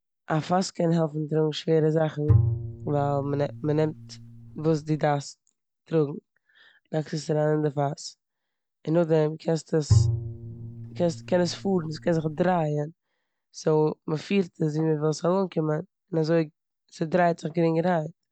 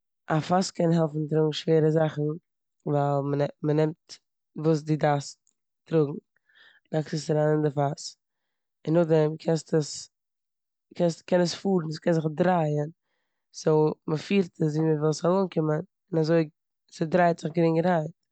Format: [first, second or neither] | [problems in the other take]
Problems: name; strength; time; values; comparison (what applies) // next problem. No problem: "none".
second | background sound (Bowed string instrument); 2 dB below the speech